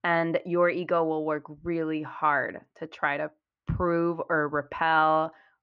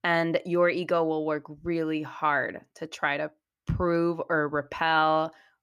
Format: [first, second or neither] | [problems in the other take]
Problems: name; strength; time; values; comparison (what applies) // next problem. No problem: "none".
second | muffled; slightly; fading above 2.5 kHz